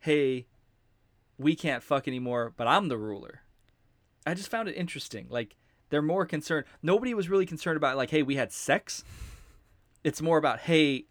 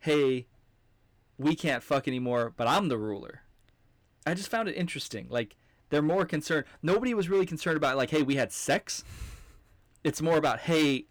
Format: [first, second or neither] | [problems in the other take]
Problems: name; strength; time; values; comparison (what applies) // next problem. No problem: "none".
first | distortion; slight; 5% of the sound clipped